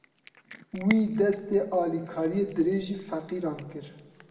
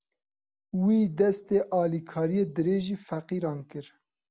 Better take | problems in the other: second | background sound (Cat); 17 dB below the speech // room echo; dies away in 1.4 s

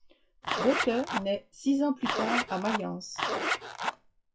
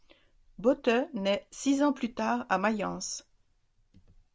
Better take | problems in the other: second | noise reduction (classical method WPE with log-MMSE)

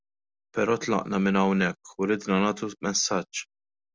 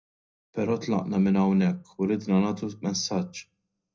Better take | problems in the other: first | room echo; dies away in 0.4 s

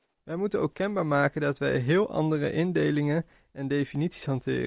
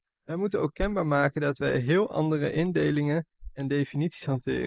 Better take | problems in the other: first | noise reduction (neural mask model Resemble Enhance denoiser)

